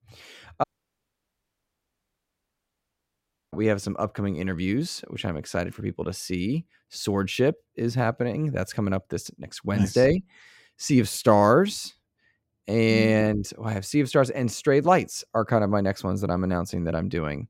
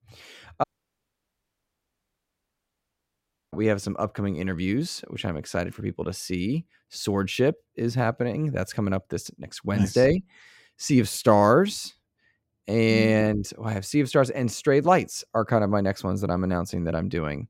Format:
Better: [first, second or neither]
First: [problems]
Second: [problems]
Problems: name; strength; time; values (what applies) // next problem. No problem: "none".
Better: neither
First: audio cutting out; at 0.5 s for 3 s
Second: audio cutting out; at 0.5 s for 3 s